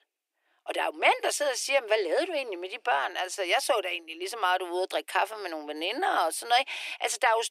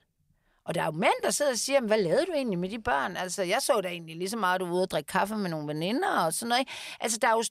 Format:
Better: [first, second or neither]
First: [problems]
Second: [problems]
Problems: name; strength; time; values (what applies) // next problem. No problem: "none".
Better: second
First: thin; very; fading below 300 Hz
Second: none